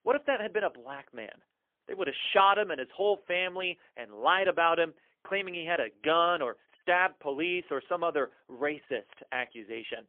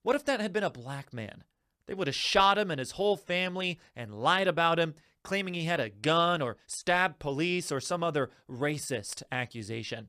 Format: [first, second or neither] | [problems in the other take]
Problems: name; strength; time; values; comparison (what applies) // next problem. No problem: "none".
second | phone-call audio; poor line; nothing above 3.5 kHz